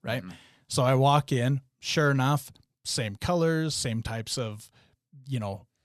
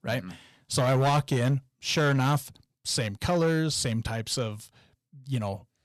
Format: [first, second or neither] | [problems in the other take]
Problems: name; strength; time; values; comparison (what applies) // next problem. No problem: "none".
first | distortion; slight; 6% of the sound clipped